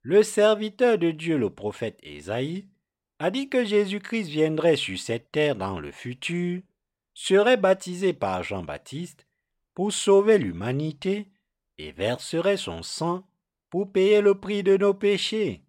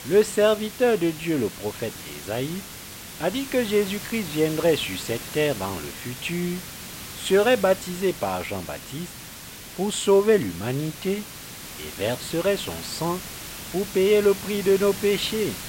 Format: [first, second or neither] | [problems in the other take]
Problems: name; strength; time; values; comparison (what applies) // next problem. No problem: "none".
first | hiss; noticeable; throughout; 10 dB below the speech